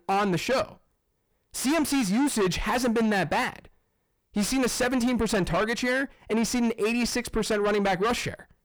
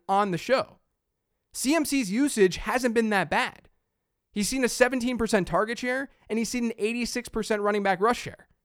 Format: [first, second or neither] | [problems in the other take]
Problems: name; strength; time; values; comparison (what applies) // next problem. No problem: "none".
second | distortion; heavy; 5 dB below the speech